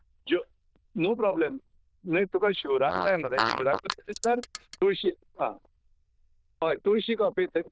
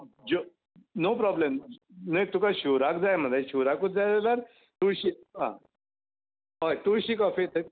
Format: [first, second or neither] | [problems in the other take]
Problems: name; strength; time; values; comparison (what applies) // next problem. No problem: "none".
second | noise reduction (neural diffusion model UNIVERSE++)